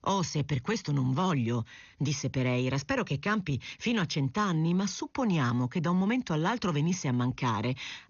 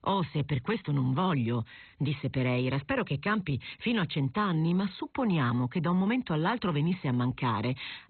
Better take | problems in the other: first | garbled, watery; badly; nothing above 4 kHz; slightly in the first

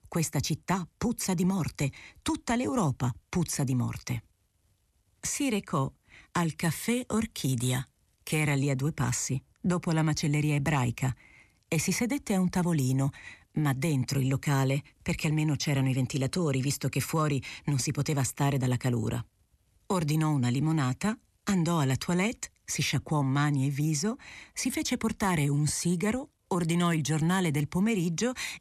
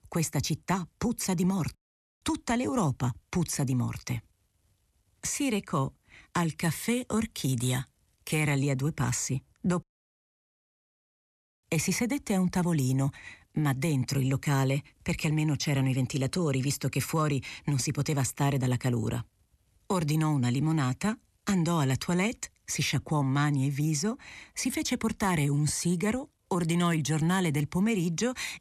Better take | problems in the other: first | audio cutting out; at 2 s and at 10 s for 2 s

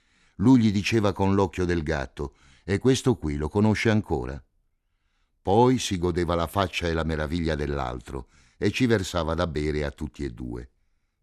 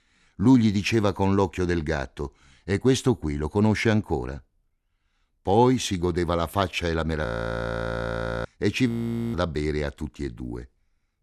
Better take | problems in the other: first | audio freezing; at 7.5 s for 1 s and at 9 s

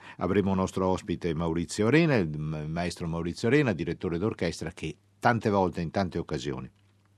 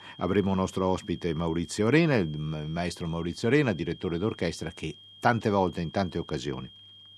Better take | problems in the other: first | high-pitched whine; faint; throughout; 3 kHz, 20 dB below the speech

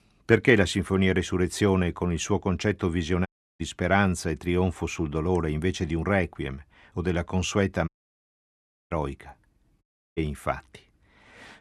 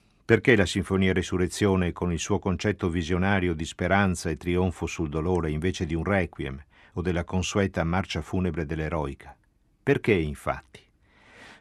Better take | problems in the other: second | audio cutting out; at 3.5 s, at 8 s for 1 s and at 10 s

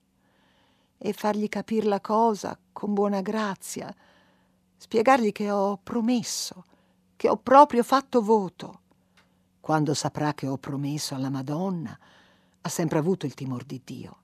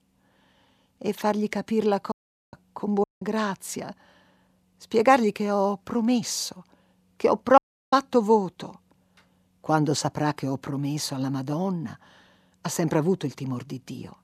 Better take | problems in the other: first | audio cutting out; at 2 s, at 3 s and at 7.5 s

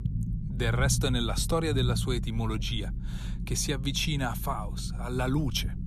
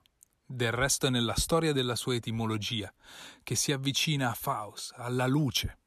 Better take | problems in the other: second | low rumble; noticeable; throughout; 15 dB below the speech

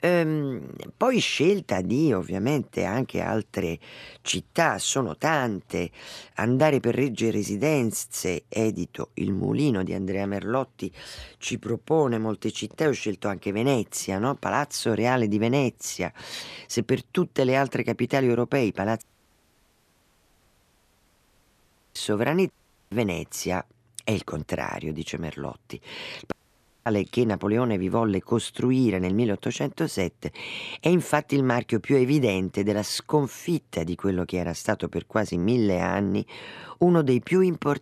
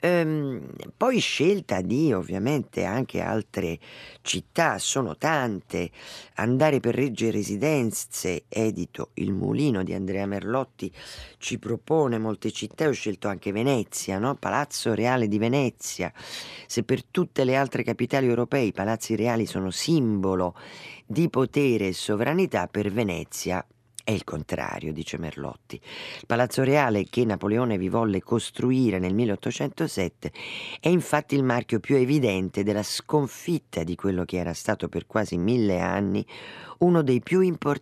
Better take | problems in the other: second | audio cutting out; at 19 s for 3 s, at 23 s and at 26 s for 0.5 s

